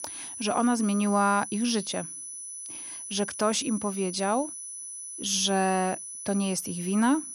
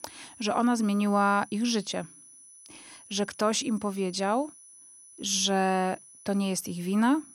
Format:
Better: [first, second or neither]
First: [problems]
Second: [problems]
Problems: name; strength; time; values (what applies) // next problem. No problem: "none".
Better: second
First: high-pitched whine; loud; throughout; 10 kHz, 9 dB below the speech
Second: high-pitched whine; faint; throughout; 10 kHz, 20 dB below the speech